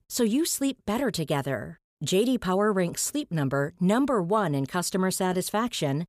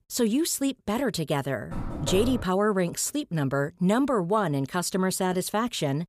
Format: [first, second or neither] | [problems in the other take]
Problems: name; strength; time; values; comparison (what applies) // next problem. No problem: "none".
first | door banging; noticeable; at 1.5 s; peak 7 dB below the speech